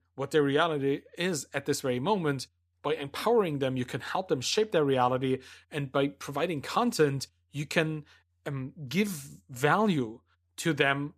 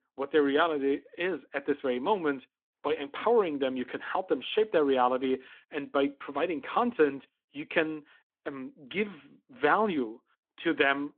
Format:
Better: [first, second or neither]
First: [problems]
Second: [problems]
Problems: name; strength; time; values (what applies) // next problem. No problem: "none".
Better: first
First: none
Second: phone-call audio